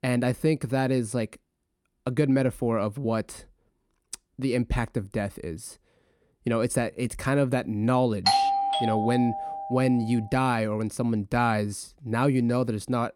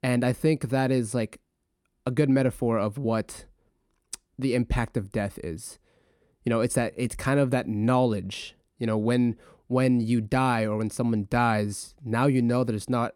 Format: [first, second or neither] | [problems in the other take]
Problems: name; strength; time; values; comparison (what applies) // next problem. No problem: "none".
second | doorbell; loud; from 8.5 to 10 s; peak 5 dB above the speech